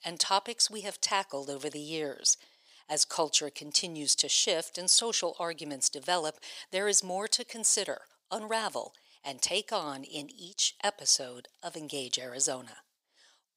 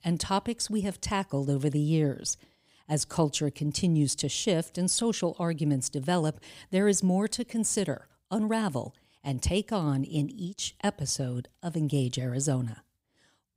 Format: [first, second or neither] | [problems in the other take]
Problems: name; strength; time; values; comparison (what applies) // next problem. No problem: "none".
second | thin; very; fading below 650 Hz